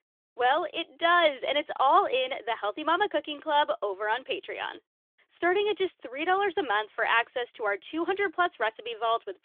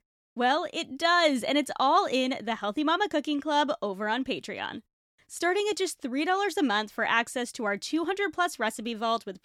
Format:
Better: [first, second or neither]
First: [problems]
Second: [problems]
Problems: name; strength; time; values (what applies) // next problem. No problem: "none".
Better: second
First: phone-call audio; nothing above 3.5 kHz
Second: none